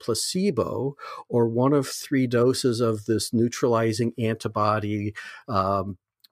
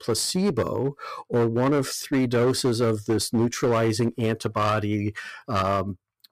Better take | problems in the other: first | distortion; slight; 13% of the sound clipped

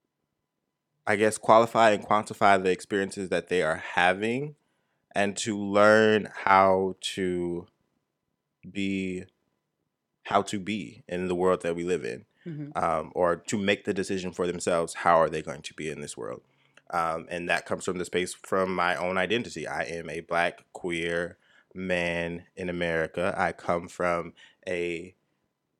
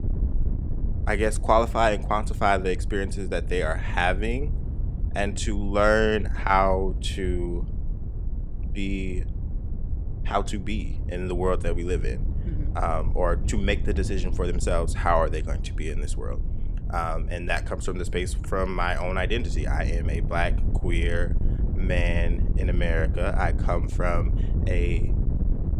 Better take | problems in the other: first | wind noise on the microphone; occasional gusts; 15 dB below the speech

